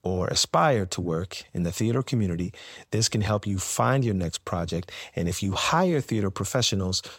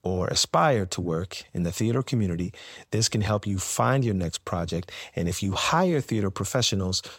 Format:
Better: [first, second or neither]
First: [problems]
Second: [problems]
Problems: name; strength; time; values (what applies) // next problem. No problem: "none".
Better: neither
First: none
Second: none